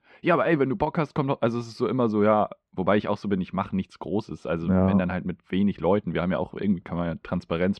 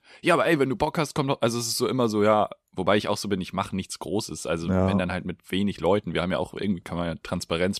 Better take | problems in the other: second | muffled; very; fading above 2 kHz

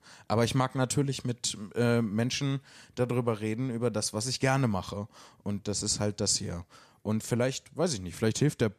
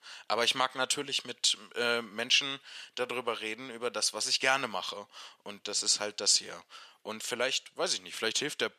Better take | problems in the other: first | thin; very; fading below 500 Hz

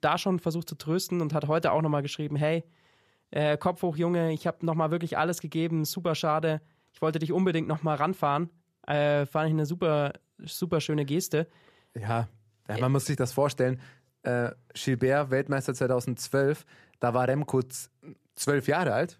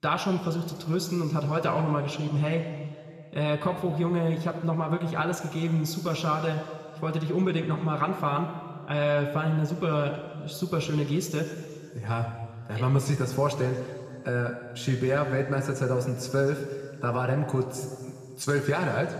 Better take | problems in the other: first | room echo; noticeable; dies away in 2.2 s // off-mic speech; somewhat distant

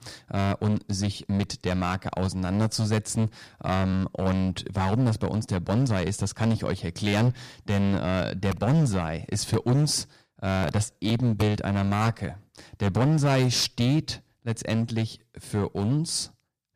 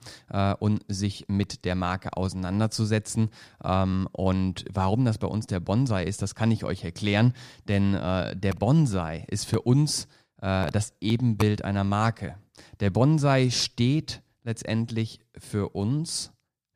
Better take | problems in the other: second | distortion; slight; 8% of the sound clipped

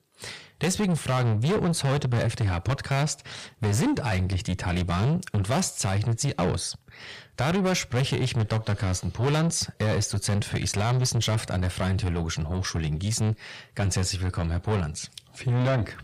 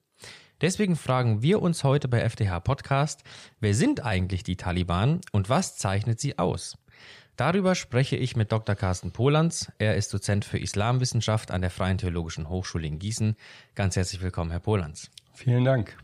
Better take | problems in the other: second | distortion; heavy; 7 dB below the speech

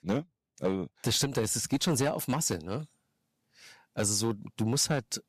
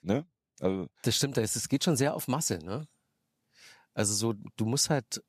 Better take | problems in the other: second | distortion; slight; 3% of the sound clipped

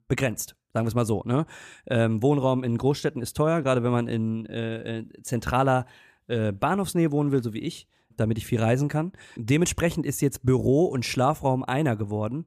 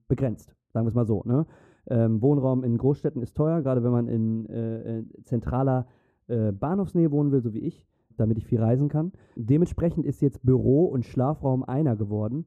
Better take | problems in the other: first | muffled; very; fading above 1 kHz

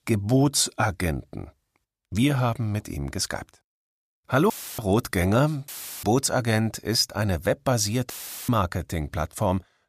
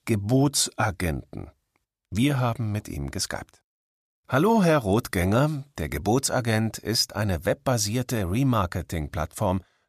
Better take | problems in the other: second | audio cutting out; filled with static; at 4.5 s, at 5.5 s and at 8 s

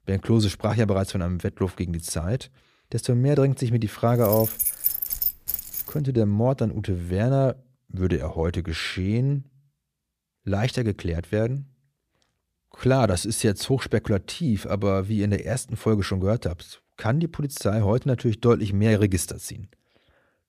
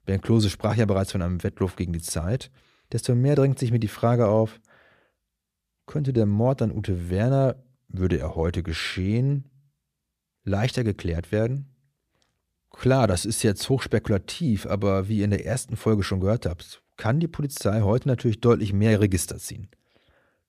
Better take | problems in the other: second | jangling keys; loud; from 4.5 to 6 s; peak 2 dB above the speech

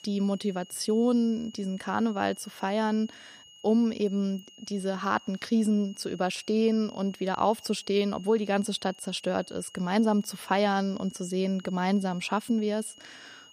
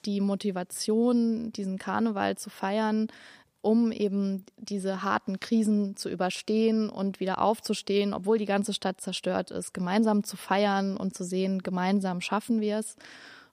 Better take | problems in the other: second | high-pitched whine; faint; throughout; 3 kHz, 20 dB below the speech

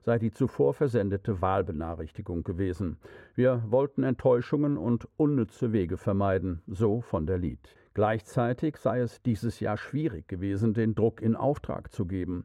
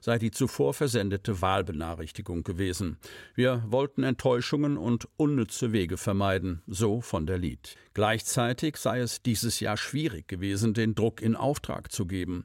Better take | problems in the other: second | muffled; very; fading above 2.5 kHz

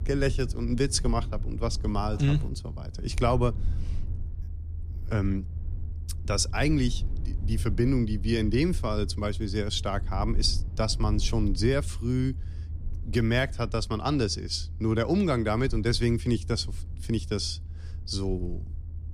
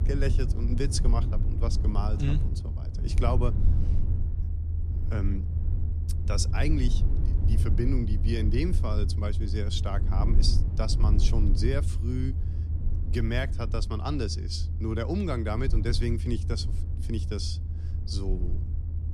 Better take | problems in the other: first | low rumble; loud; throughout; 9 dB below the speech; faint in the first

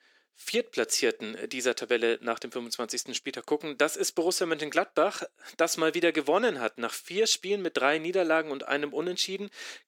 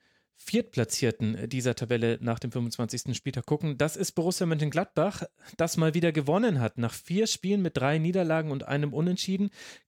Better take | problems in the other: second | thin; somewhat; fading below 350 Hz

